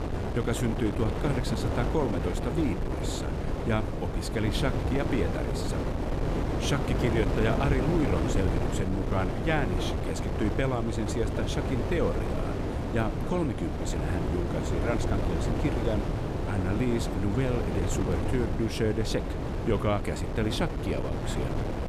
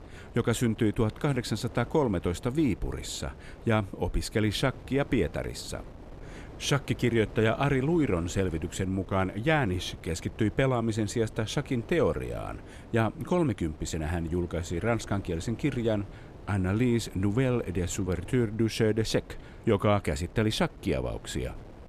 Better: second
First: wind noise on the microphone; heavy; 2 dB below the speech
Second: wind noise on the microphone; occasional gusts; 20 dB below the speech

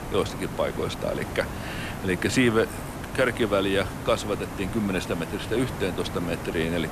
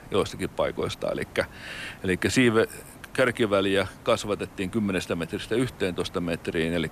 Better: second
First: hiss; loud; throughout; 8 dB below the speech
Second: hiss; faint; throughout; 20 dB below the speech

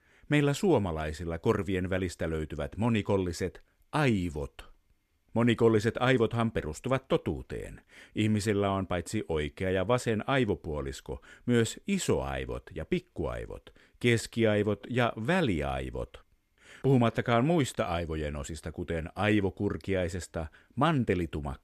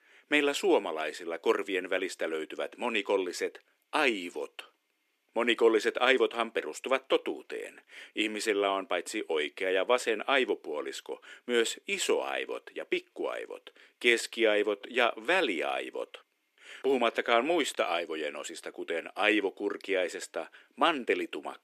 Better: first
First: none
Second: thin; somewhat; fading below 300 Hz

